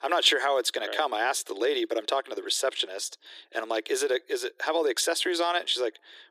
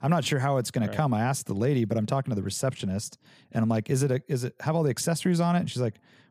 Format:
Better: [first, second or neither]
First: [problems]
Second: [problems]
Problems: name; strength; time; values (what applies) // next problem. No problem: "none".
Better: second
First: thin; very; fading below 300 Hz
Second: none